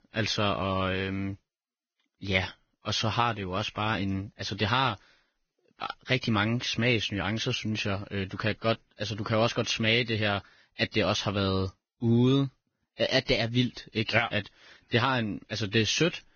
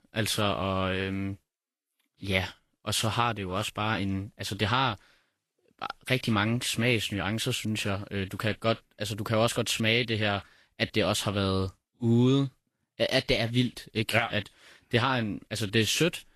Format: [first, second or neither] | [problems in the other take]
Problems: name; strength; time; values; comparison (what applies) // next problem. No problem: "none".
second | garbled, watery; badly; nothing above 6.5 kHz; slightly in the second